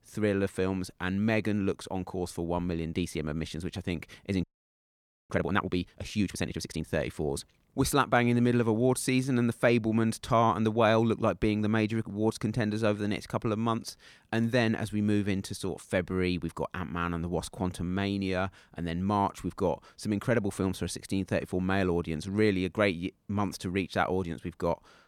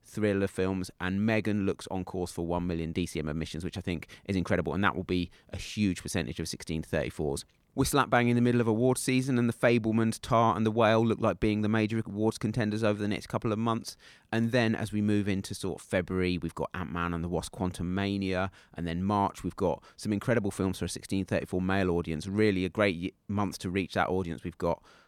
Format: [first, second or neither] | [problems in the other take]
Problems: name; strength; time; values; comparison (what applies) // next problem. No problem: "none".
second | audio freezing; at 4.5 s for 1 s